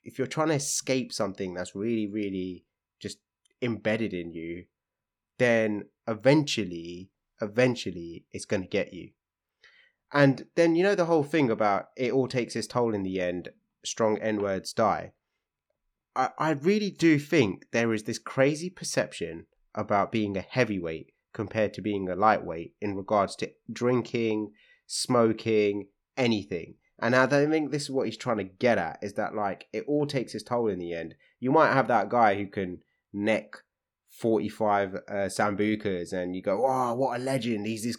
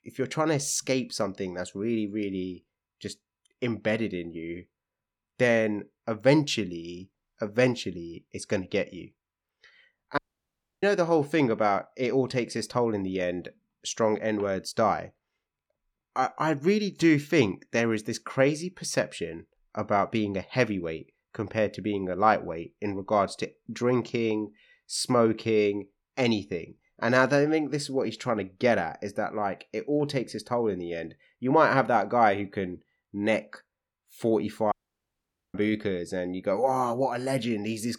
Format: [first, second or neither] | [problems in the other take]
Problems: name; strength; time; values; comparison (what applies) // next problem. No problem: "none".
first | audio cutting out; at 10 s for 0.5 s and at 35 s for 1 s